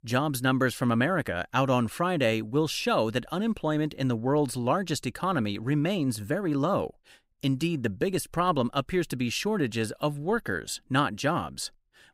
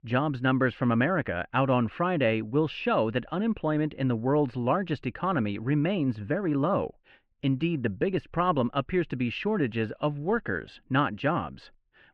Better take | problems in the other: first | muffled; very; fading above 2.5 kHz

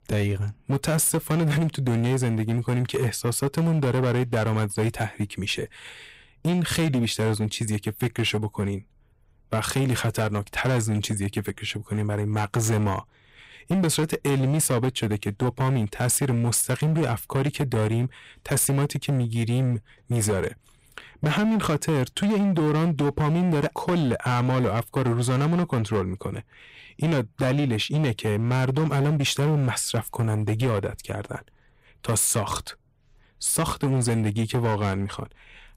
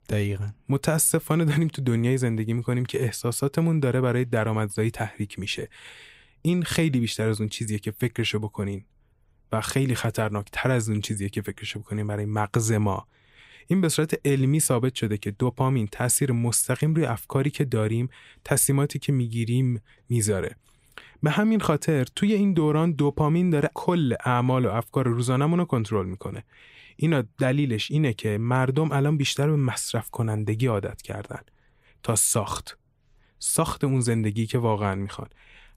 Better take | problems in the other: second | distortion; slight; 17% of the sound clipped

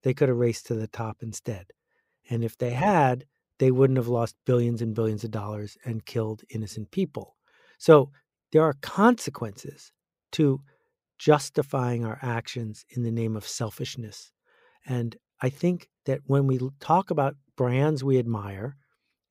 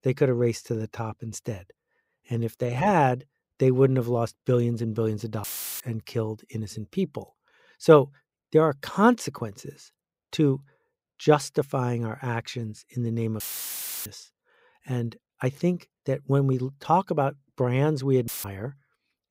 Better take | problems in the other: first | audio cutting out; filled with static; at 5.5 s, at 13 s for 0.5 s and at 18 s

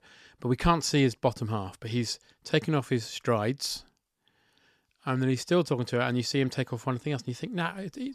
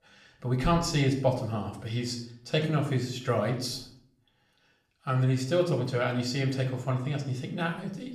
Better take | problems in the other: first | room echo; slight; dies away in 0.5 s // off-mic speech; somewhat distant

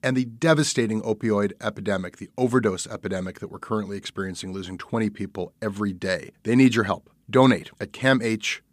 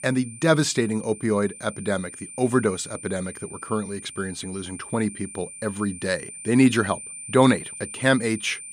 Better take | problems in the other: first | high-pitched whine; noticeable; throughout; 9 kHz, 15 dB below the speech

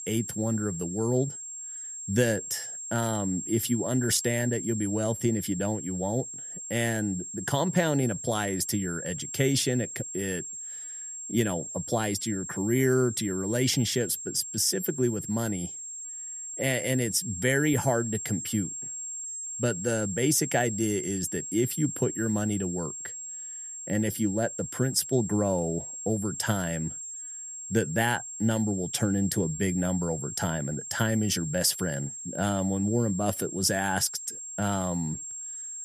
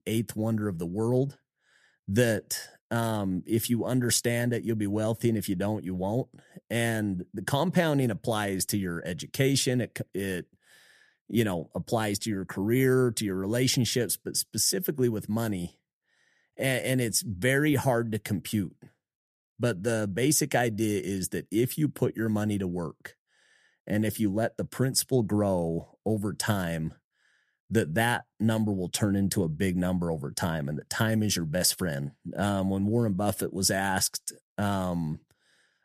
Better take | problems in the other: second | high-pitched whine; loud; throughout; 7.5 kHz, 7 dB below the speech

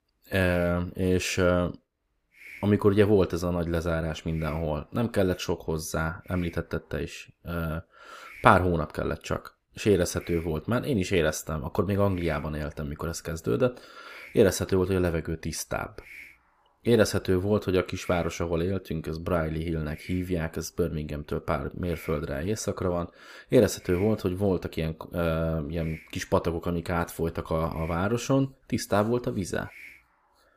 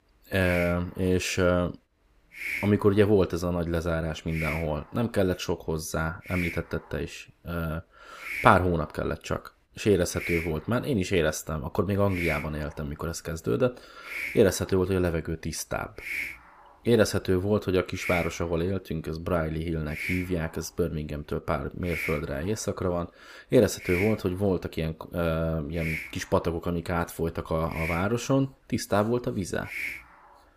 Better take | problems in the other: first | hiss; loud; throughout; 7 dB below the speech; faint in the first

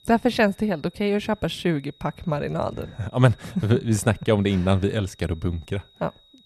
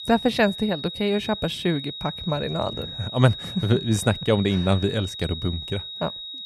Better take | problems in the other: first | high-pitched whine; loud; throughout; 4 kHz, 8 dB below the speech; faint in the first

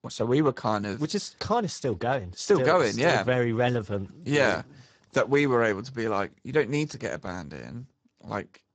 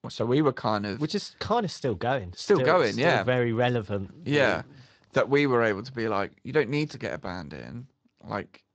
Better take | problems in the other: second | garbled, watery; badly; nothing above 7.5 kHz; slightly in the second

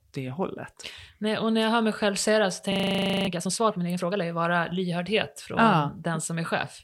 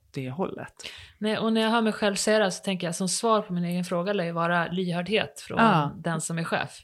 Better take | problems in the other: second | audio freezing; at 2.5 s for 0.5 s

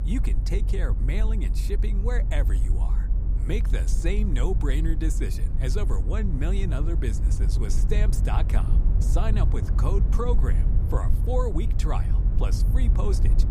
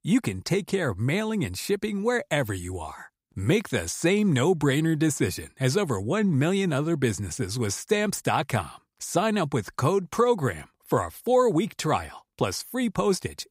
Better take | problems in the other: second | low rumble; loud; throughout; 7 dB below the speech

